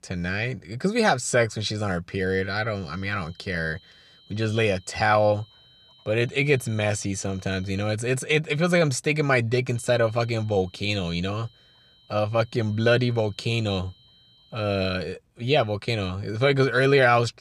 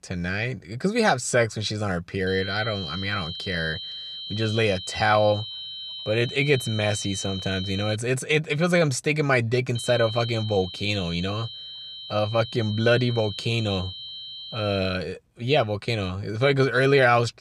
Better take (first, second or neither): first